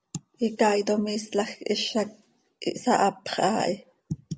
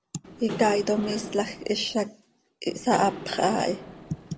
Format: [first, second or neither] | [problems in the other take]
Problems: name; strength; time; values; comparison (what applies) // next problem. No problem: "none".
first | background sound (Engine / Mechanisms); 11 dB below the speech